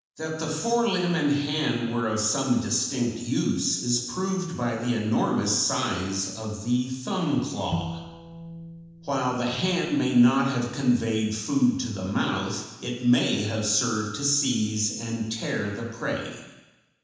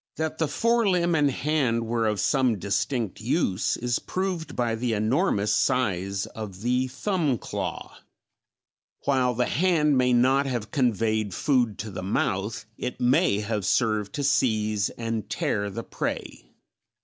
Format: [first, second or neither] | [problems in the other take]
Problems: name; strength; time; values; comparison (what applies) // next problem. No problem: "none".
second | background sound (Bowed string instrument); 11 dB below the speech // room echo; dies away in 1.1 s